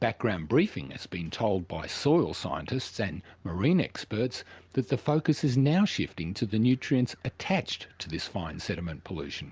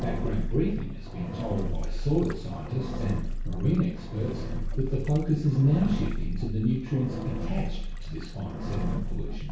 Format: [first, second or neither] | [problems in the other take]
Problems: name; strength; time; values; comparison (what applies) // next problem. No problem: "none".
first | background sound (Engine); 2 dB below the speech // room echo; dies away in 0.6 s